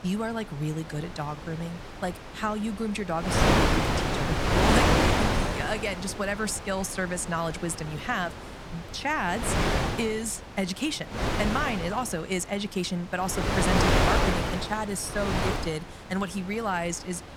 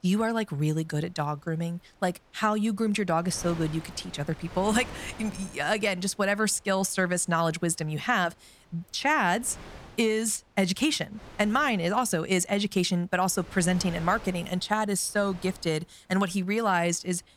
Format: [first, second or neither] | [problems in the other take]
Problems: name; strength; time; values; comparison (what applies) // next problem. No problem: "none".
second | wind noise on the microphone; heavy; 4 dB above the speech; occasional gusts in the second